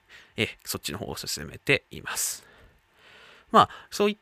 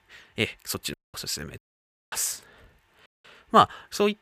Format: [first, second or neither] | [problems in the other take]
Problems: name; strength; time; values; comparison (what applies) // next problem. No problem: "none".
first | audio cutting out; at 1 s, at 1.5 s for 0.5 s and at 3 s